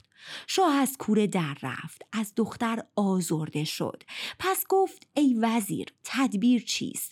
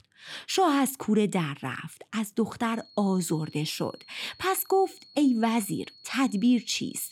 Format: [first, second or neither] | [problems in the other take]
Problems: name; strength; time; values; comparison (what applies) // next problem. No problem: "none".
first | high-pitched whine; faint; from 2.5 s on; 4.5 kHz, 25 dB below the speech